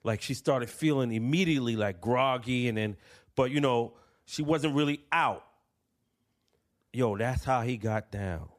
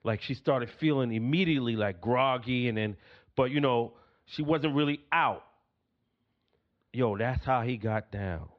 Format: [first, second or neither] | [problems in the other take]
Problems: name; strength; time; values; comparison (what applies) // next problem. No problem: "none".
first | muffled; slightly; fading above 4 kHz